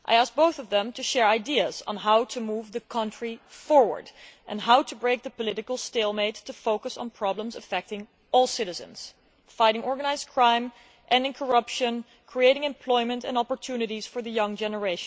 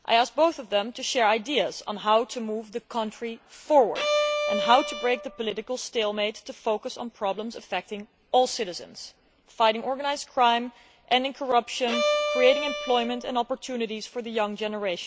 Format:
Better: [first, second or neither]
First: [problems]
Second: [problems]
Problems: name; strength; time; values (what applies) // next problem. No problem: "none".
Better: first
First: none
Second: background sound (Bowed string instrument); 2 dB below the speech